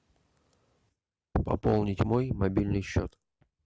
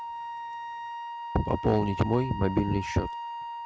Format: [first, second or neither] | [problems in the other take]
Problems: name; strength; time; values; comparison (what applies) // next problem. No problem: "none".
first | background sound (Wind instrument, woodwind instrument); 7 dB below the speech